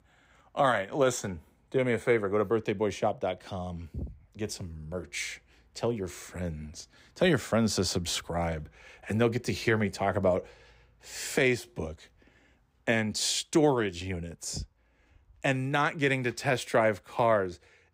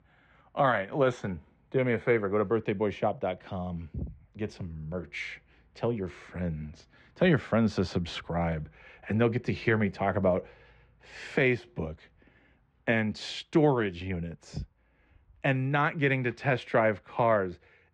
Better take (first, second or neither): first